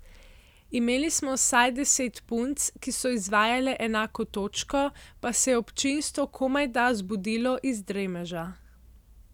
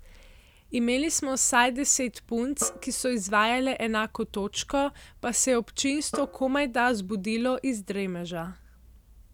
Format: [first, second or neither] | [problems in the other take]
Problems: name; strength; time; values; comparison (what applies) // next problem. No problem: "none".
first | background sound (Drum); 16 dB below the speech